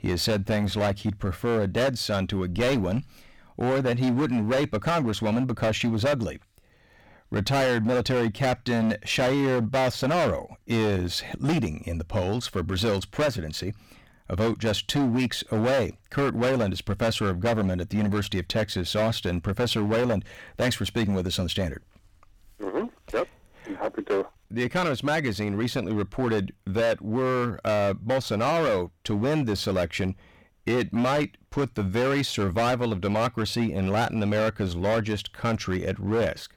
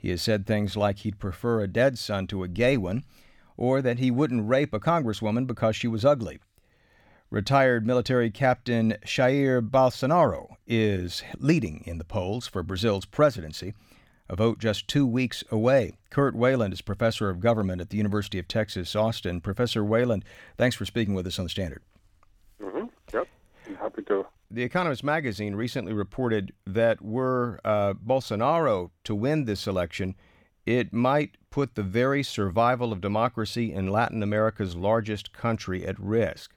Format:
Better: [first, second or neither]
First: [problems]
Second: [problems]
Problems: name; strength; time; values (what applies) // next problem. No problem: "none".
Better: second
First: distortion; heavy; 16% of the sound clipped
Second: none